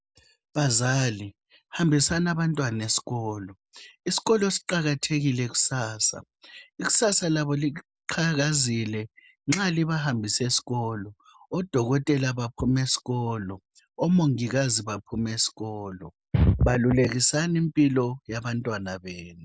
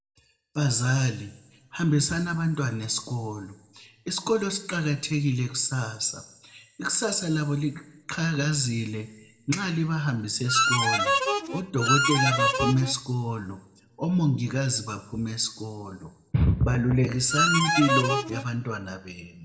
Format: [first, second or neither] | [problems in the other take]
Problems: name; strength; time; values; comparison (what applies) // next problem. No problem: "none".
first | background sound (Harmonica); 2 dB above the speech // room echo; dies away in 0.8 s